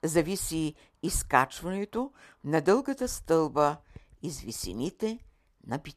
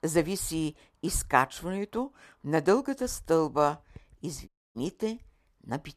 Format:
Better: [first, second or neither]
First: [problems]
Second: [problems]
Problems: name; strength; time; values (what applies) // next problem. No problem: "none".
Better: first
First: none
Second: audio cutting out; at 4.5 s